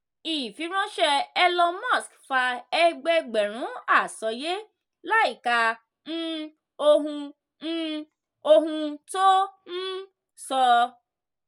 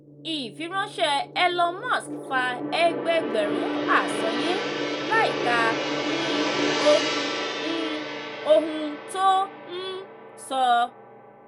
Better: first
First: none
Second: background sound (Gong); 4 dB below the speech

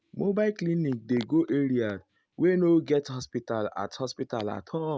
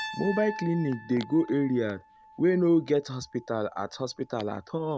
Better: first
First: none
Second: background sound (Piano); 16 dB below the speech

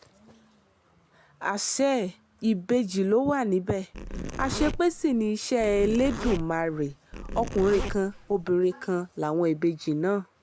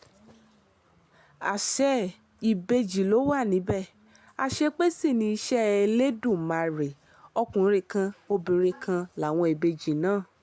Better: second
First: background sound (Zipper (clothing)); 7 dB below the speech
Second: none

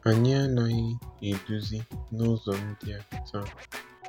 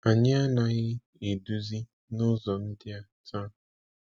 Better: second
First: background sound (Scratching (performance technique)); 13 dB below the speech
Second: none

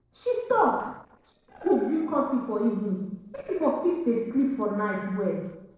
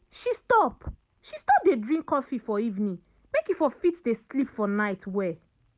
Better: second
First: noise reduction (neural separator model SepFormer DNS4)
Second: none

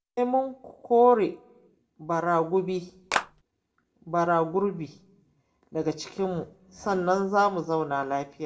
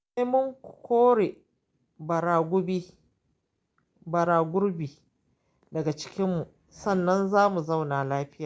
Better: second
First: background sound (Clapping); 1 dB below the speech // room echo; dies away in 0.3 s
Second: none

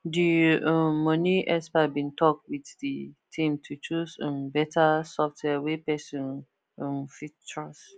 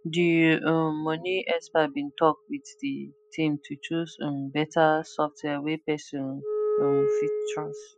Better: first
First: none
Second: noise reduction (classical method spectral subtraction)

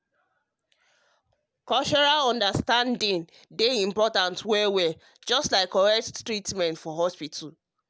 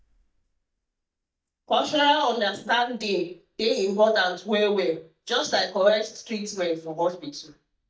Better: first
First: none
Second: noise reduction (neural mask model DeepFilterNet 3)

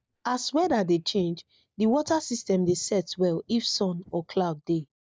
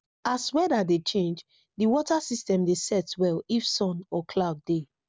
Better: second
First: noise reduction (neural mask model DeepFilterNet 3)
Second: none

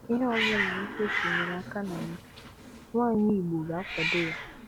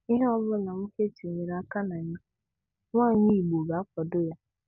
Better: second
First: background sound (Hiss); 3 dB below the speech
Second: none

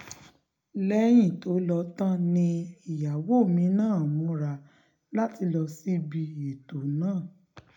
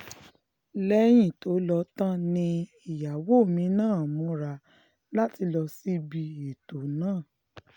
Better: second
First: room echo; dies away in 0.2 s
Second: none

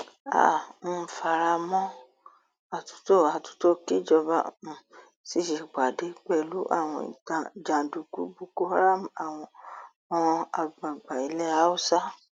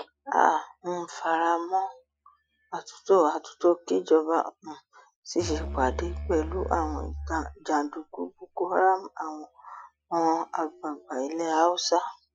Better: first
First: none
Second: noise reduction (classical method Wiener filter)

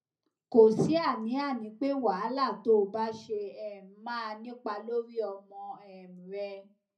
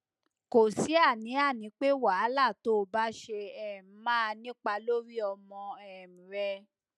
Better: second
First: room echo; dies away in 0.4 s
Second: none

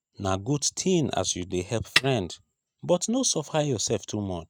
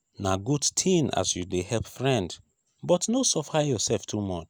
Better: second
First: noise reduction (neural mask model RNNoise)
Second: none

